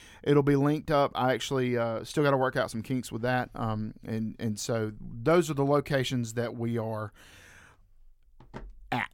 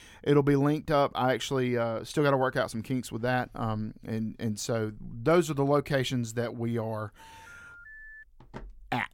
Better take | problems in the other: first | phone ringing; faint; from 7 to 8 s; peak 20 dB below the speech

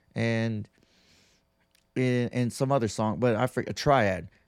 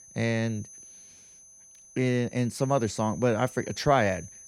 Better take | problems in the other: first | high-pitched whine; noticeable; throughout; 6 kHz, 20 dB below the speech

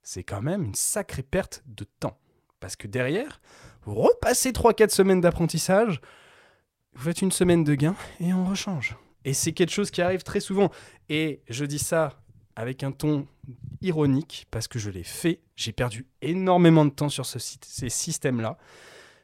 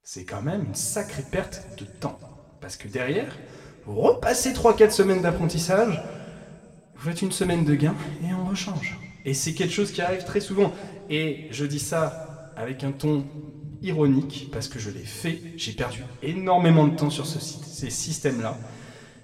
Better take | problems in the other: first | room echo; slight; dies away in 1.6 s // off-mic speech; somewhat distant

